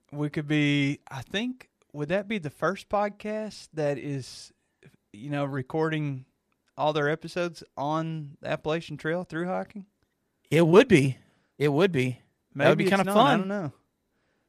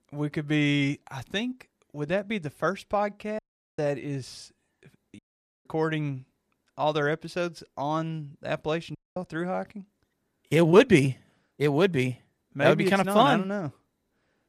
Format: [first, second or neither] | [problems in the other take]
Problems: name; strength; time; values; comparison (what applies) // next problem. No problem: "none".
first | audio cutting out; at 3.5 s, at 5 s and at 9 s